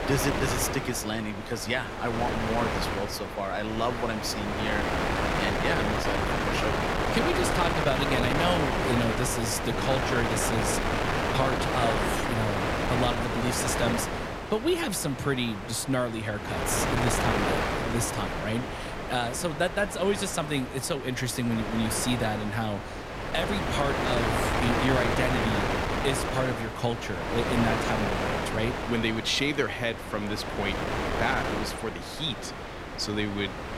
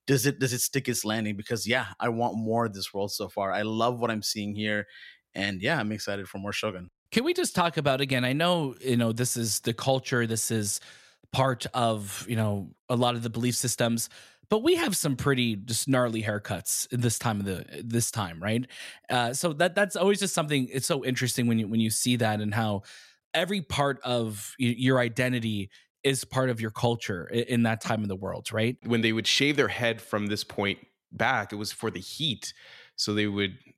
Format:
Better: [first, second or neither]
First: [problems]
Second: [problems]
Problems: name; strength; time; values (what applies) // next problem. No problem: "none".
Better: second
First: wind noise on the microphone; heavy; 1 dB above the speech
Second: none